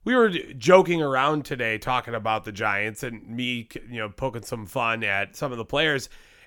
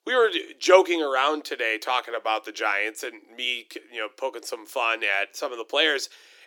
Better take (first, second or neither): first